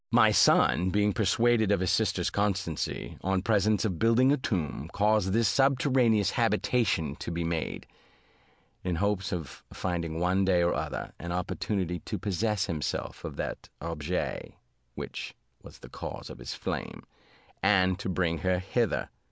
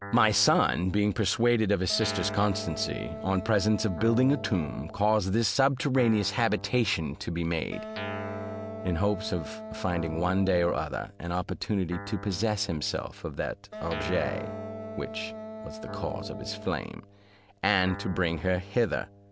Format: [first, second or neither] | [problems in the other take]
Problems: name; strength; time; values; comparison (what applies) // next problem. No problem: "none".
first | background sound (Wind instrument, woodwind instrument + Guitar); 11 dB below the speech